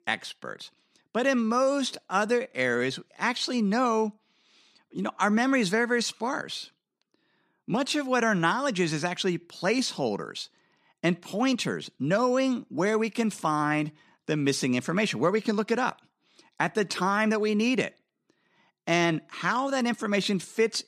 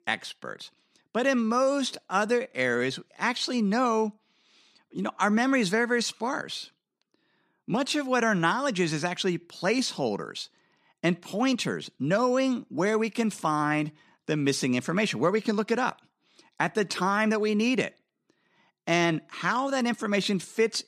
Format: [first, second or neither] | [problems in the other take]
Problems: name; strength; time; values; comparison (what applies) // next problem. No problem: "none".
neither | none